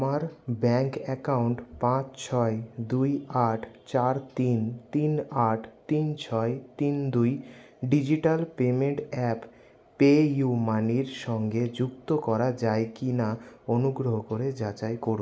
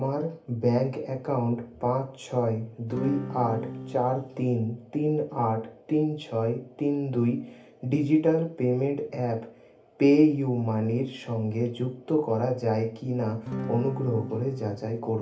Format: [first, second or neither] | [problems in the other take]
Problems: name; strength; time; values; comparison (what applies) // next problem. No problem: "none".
first | background sound (Acoustic guitar / Strum); 9 dB below the speech // room echo; dies away in 0.3 s